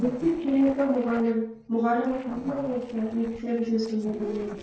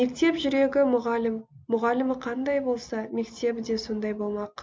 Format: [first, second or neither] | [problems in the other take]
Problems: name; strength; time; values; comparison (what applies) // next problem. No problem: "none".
second | noise reduction (neural separator model SepFormer DNS4)